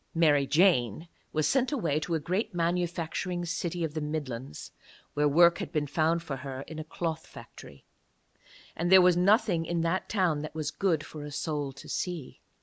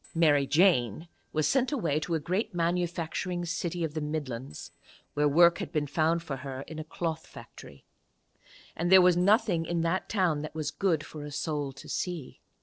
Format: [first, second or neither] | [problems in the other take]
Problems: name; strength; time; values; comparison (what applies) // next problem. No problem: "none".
first | noise reduction (neural separator model SepFormer DNS4)